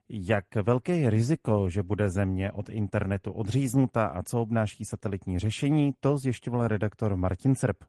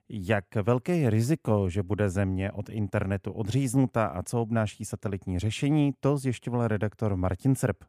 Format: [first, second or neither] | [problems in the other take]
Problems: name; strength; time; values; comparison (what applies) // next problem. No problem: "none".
second | garbled, watery; slightly; nothing above 12 kHz